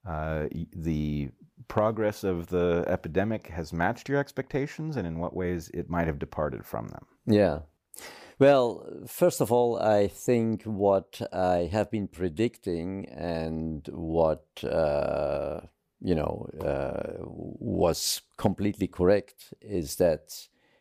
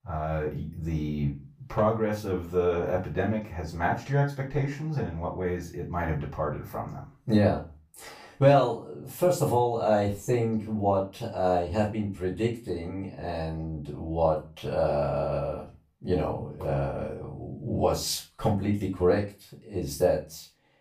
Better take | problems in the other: first | off-mic speech; far // room echo; slight; dies away in 0.3 s

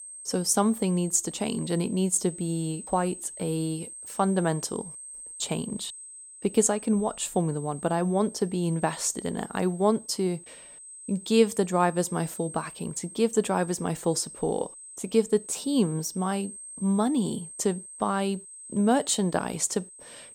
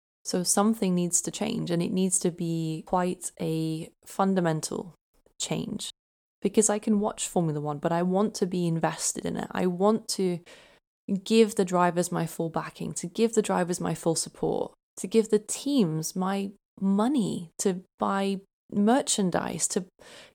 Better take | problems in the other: second | high-pitched whine; noticeable; throughout; 8.5 kHz, 15 dB below the speech

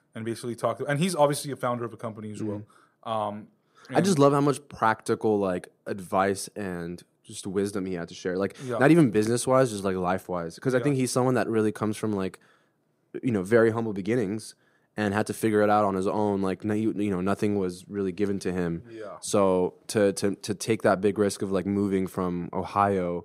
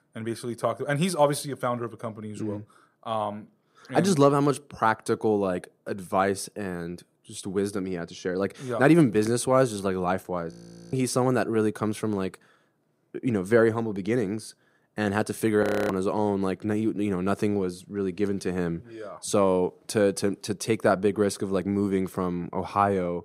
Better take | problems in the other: first | audio freezing; at 11 s and at 16 s

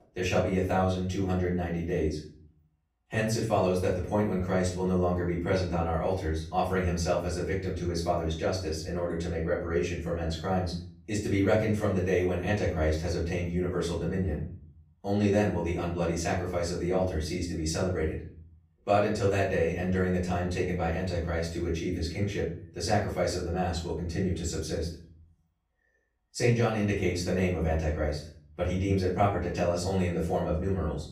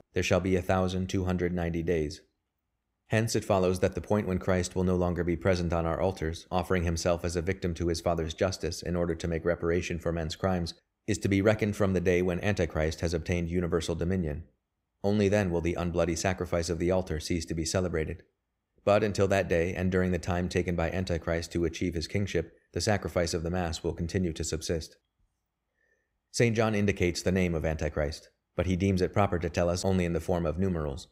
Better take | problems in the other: second | off-mic speech; far // room echo; noticeable; dies away in 0.4 s

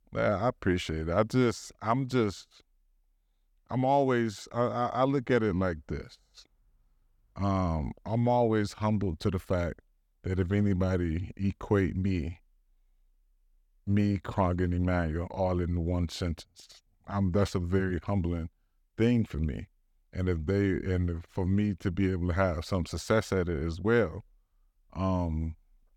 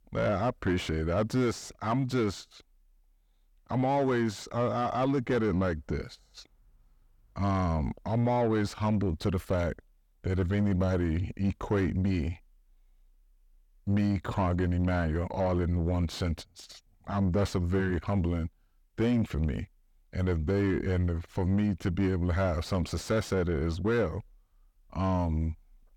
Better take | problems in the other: first | distortion; slight; 9 dB below the speech

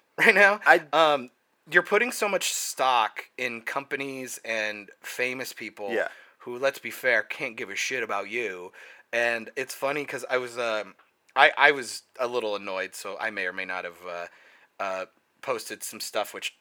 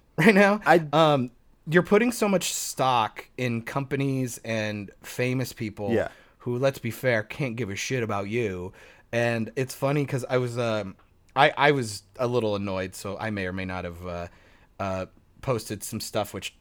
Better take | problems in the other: second | thin; very; fading below 450 Hz

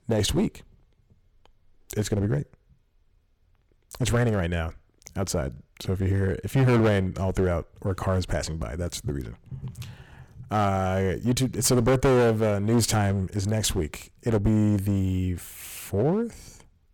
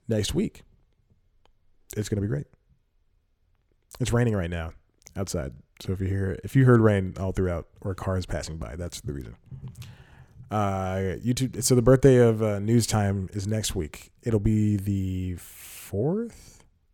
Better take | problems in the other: second | distortion; heavy; 8% of the sound clipped

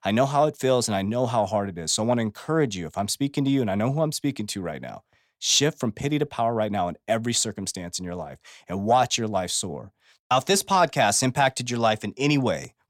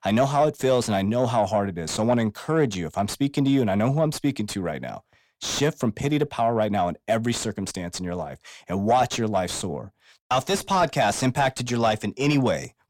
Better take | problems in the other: first | distortion; slight; 10 dB below the speech

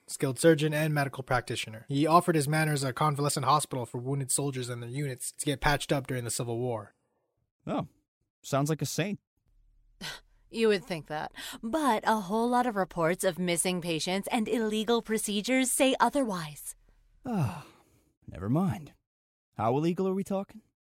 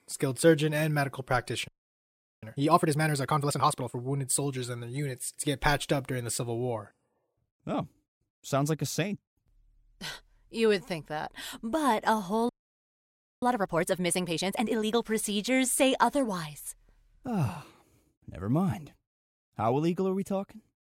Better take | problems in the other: first | audio freezing; at 1.5 s for 0.5 s and at 12 s for 1 s

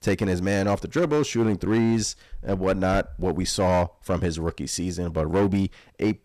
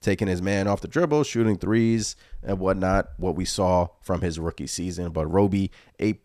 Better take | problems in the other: second | distortion; slight; 7% of the sound clipped

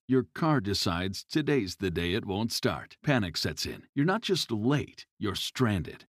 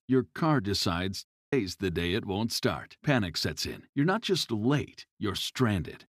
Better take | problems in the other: first | audio cutting out; at 1.5 s

